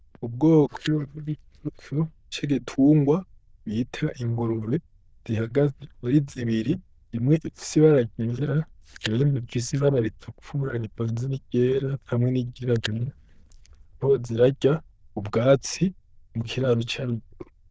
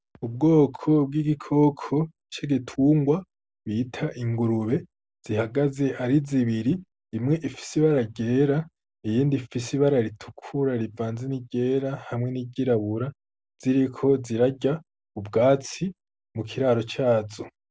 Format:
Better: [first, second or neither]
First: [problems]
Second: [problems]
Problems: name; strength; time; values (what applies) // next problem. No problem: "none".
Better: second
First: noise reduction (neural diffusion model UNIVERSE++)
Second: none